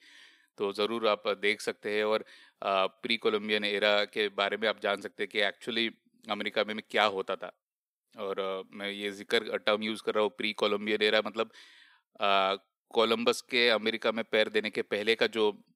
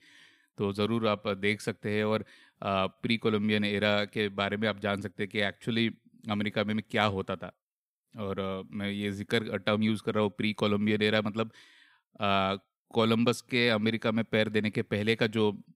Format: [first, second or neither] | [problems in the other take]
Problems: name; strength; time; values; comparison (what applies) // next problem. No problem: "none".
second | thin; somewhat; fading below 450 Hz